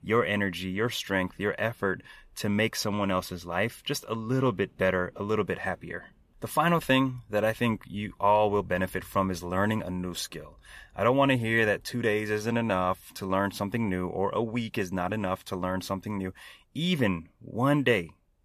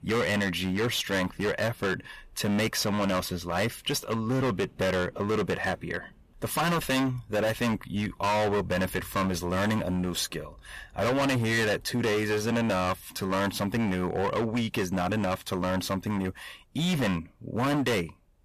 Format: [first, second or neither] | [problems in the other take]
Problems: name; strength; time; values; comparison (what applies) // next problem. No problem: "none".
first | distortion; heavy; 21% of the sound clipped